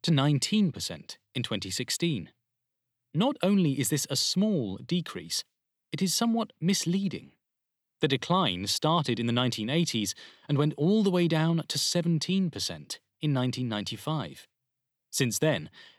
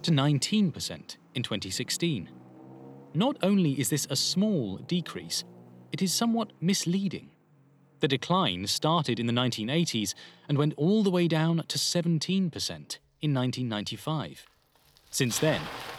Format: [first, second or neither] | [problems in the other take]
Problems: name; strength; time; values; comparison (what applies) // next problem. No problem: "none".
first | traffic noise; noticeable; throughout; 20 dB below the speech